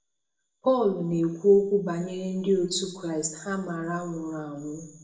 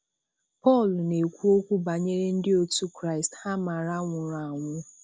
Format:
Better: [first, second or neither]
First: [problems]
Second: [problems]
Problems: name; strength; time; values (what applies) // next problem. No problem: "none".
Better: second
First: room echo; dies away in 0.6 s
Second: none